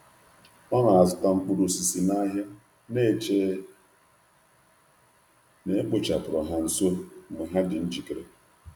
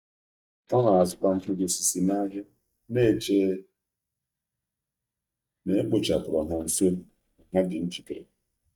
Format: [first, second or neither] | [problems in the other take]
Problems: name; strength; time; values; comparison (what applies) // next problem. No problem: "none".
first | noise reduction (neural mask model DeepFilterNet 3)